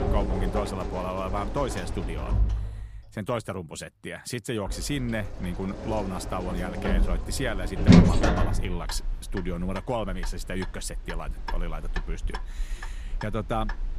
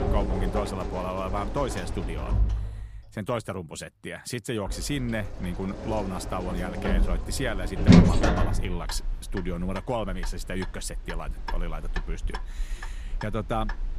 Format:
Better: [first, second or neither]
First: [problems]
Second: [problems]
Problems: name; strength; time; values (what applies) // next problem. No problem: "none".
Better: neither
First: household noises; very loud; throughout; 4 dB above the speech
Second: household noises; very loud; throughout; 4 dB above the speech